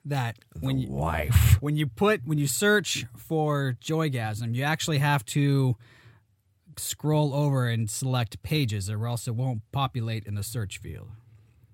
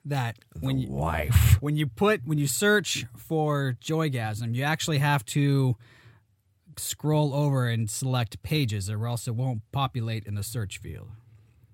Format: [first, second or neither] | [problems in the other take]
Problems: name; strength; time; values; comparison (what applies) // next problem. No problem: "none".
neither | none